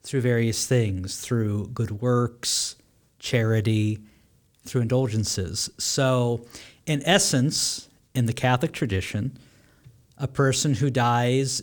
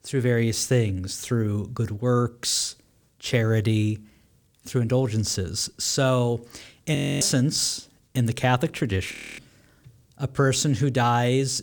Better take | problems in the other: first | audio freezing; at 7 s and at 9 s

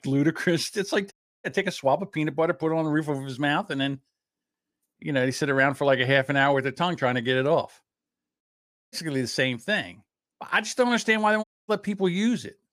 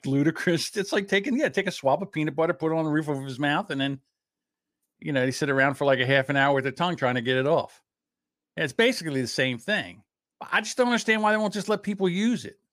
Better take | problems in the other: second | audio cutting out; at 1 s, at 8.5 s for 0.5 s and at 11 s

